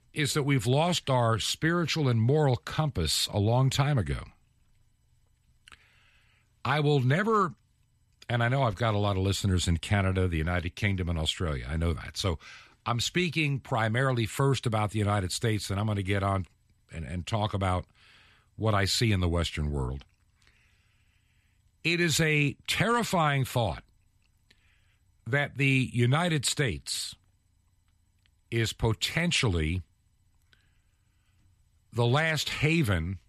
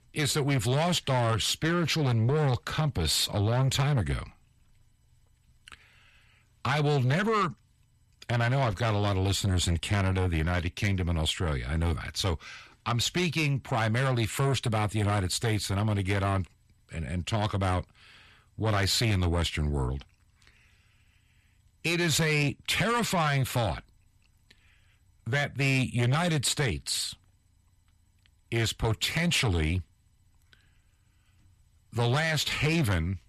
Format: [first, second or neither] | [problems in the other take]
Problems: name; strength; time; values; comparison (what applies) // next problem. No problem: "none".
first | distortion; slight; 10 dB below the speech